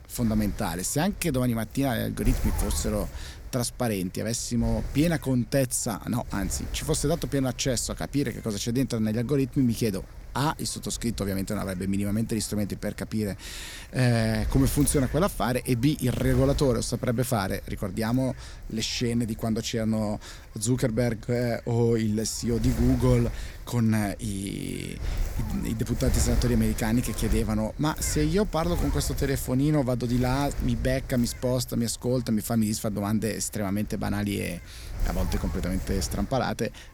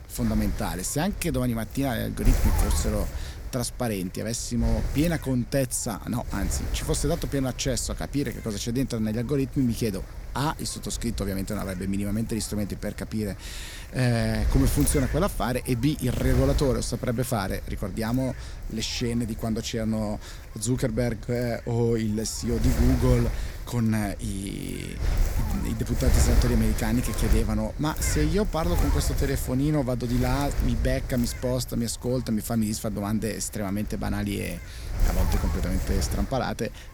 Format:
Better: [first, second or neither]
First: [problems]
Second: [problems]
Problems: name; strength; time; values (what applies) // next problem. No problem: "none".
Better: first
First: wind noise on the microphone; occasional gusts; 15 dB below the speech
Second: wind noise on the microphone; heavy; 10 dB below the speech